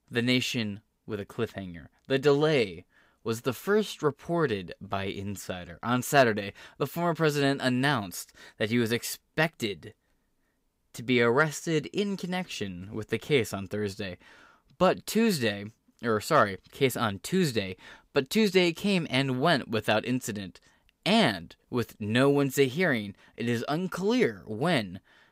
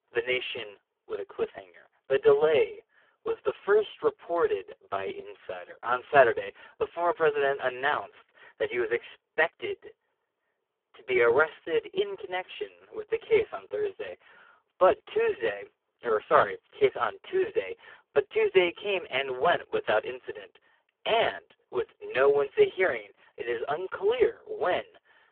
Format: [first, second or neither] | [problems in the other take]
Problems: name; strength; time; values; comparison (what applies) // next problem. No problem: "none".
first | phone-call audio; poor line